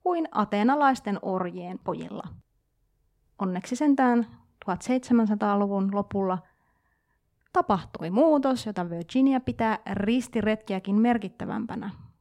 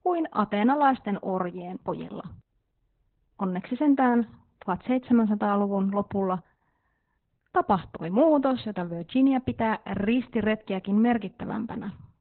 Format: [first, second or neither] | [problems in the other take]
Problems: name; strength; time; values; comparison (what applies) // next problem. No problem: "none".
first | garbled, watery; badly; nothing above 4 kHz